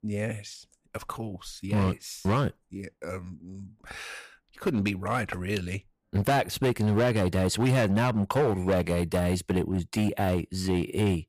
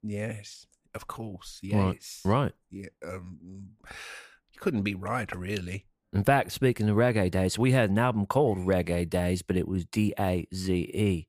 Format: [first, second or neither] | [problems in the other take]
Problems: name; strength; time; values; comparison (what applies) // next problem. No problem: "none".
second | distortion; slight; 8% of the sound clipped